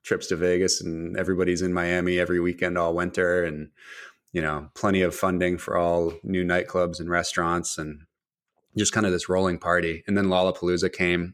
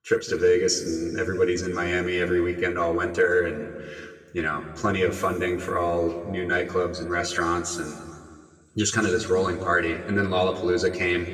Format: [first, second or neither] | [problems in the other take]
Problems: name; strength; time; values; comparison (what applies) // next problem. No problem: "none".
first | room echo; noticeable; dies away in 1.5 s // off-mic speech; far